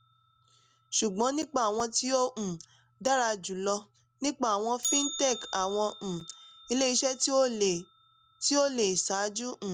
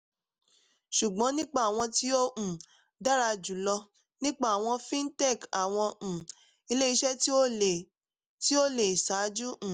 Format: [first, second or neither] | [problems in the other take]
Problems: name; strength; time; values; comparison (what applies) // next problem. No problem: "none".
second | background sound (Bell); 13 dB below the speech